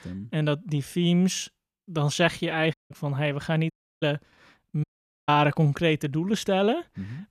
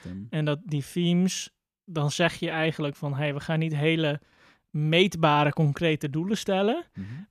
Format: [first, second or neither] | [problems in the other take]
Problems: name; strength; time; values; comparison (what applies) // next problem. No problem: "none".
second | audio cutting out; at 2.5 s, at 3.5 s and at 5 s